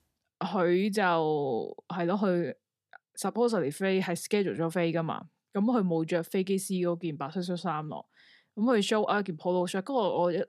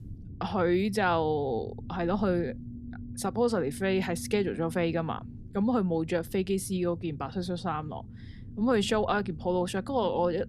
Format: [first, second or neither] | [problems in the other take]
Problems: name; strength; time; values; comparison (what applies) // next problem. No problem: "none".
first | low rumble; faint; throughout; 20 dB below the speech